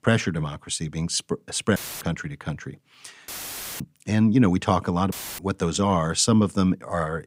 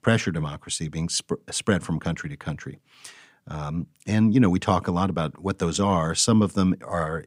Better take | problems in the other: second | audio cutting out; filled with static; at 2 s, at 3.5 s for 0.5 s and at 5 s

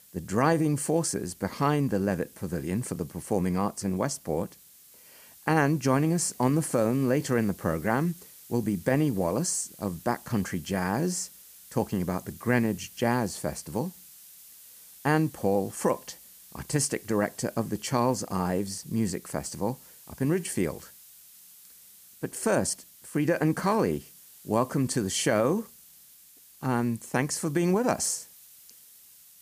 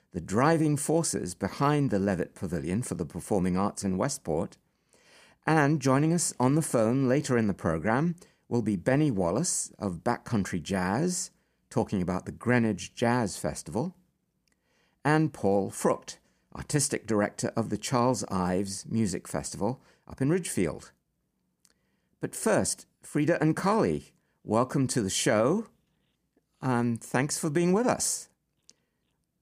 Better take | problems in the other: second | hiss; faint; throughout; 20 dB below the speech

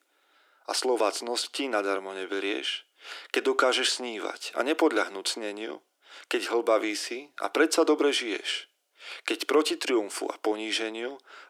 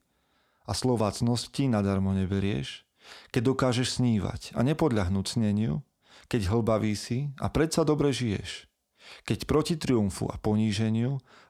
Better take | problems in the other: second | thin; very; fading below 300 Hz

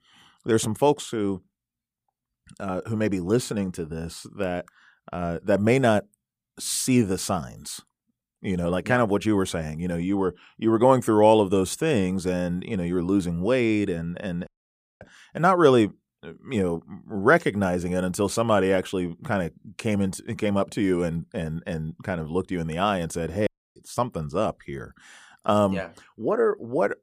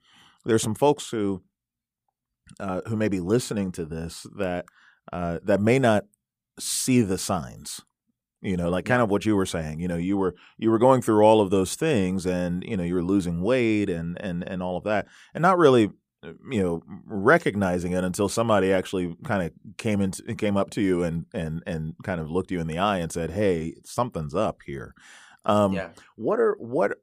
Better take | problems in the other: second | audio cutting out; at 14 s for 0.5 s and at 23 s

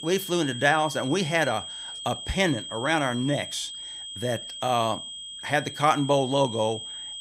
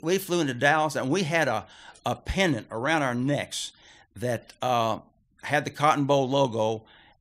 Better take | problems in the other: second | high-pitched whine; loud; throughout; 3 kHz, 9 dB below the speech

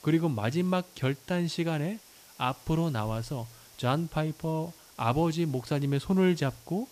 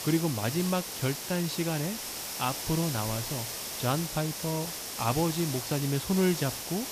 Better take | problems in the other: first | hiss; loud; throughout; 4 dB below the speech; faint in the first

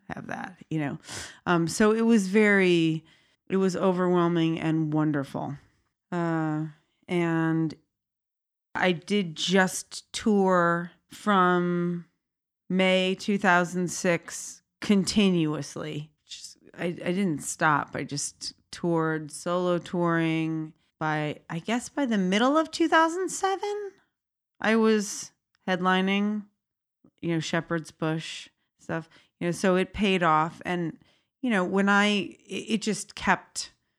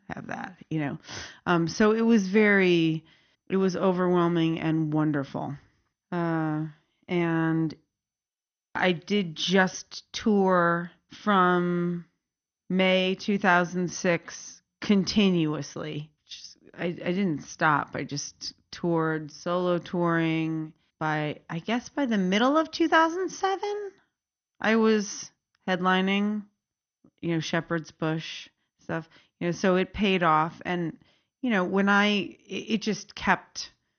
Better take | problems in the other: first | garbled, watery; slightly; nothing above 6.5 kHz

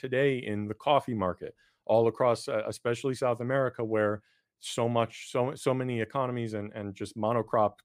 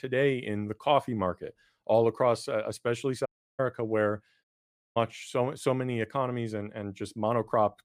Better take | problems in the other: first | audio cutting out; at 3.5 s and at 4.5 s for 0.5 s

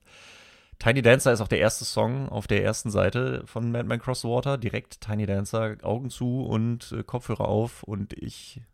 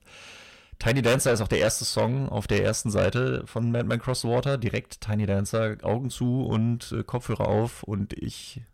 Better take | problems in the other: first | distortion; heavy; 8 dB below the speech

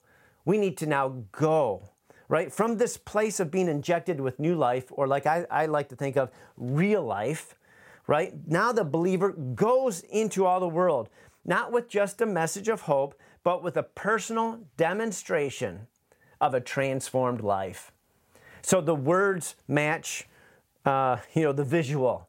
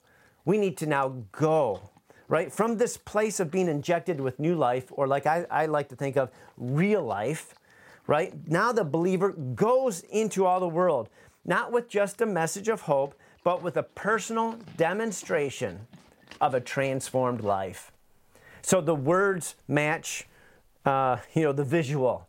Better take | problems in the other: first | animal sounds; faint; throughout; 30 dB below the speech

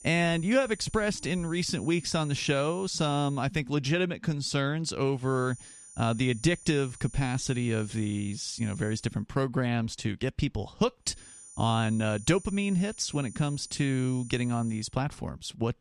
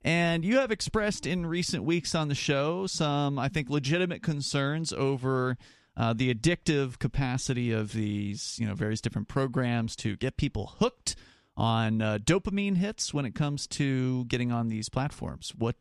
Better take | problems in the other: second | high-pitched whine; noticeable; until 3.5 s, from 5.5 to 9 s and from 11 to 15 s; 9 kHz, 20 dB below the speech

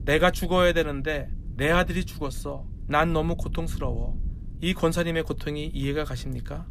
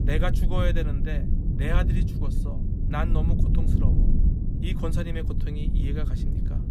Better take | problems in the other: first | low rumble; loud; throughout; 4 dB below the speech; faint in the first

